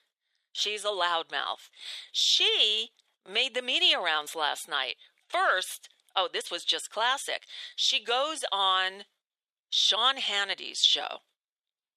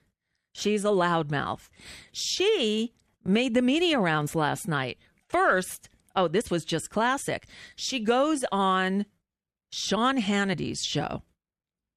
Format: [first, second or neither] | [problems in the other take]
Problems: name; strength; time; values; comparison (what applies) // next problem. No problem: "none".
second | thin; very; fading below 550 Hz